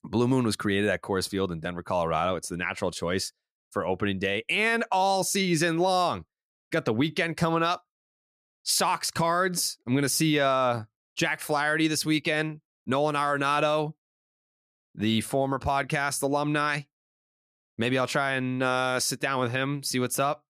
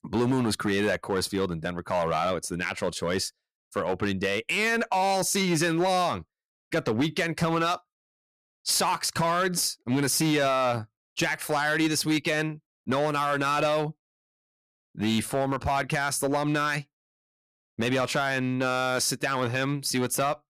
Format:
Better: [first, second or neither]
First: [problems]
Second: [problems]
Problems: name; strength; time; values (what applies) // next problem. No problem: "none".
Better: first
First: none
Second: distortion; slight; 7% of the sound clipped